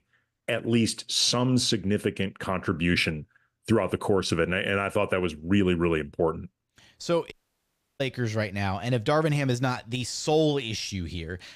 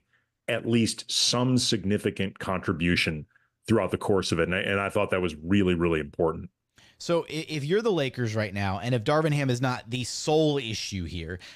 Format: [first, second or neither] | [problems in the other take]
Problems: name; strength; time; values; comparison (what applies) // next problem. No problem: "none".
second | audio cutting out; at 7.5 s for 0.5 s